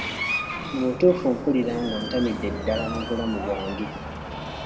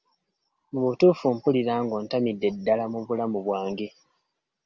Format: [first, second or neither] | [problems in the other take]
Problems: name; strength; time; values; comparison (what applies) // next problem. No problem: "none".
second | background sound (Door); 6 dB below the speech // room echo; dies away in 1.4 s